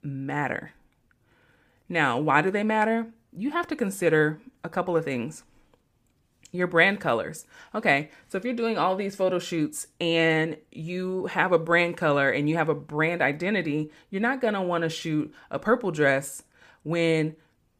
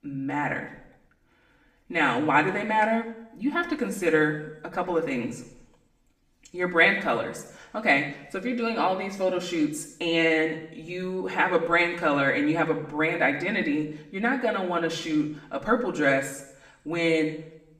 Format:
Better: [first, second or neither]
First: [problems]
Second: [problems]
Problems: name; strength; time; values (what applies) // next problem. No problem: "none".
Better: first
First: none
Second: room echo; slight; dies away in 0.7 s // off-mic speech; far